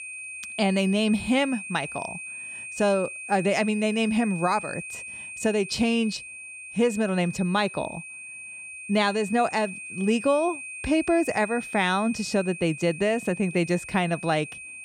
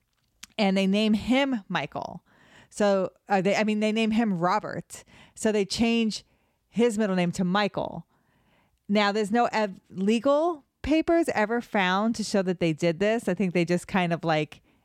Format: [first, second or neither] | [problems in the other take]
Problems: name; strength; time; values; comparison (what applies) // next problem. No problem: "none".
second | high-pitched whine; noticeable; throughout; 2.5 kHz, 10 dB below the speech